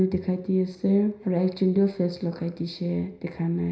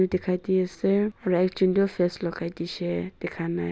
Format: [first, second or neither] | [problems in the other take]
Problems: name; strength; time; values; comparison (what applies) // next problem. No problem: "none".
second | room echo; dies away in 0.5 s